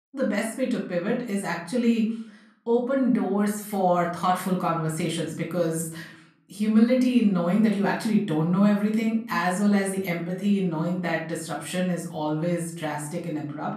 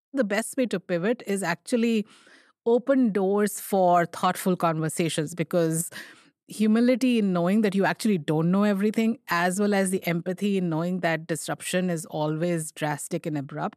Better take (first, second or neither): second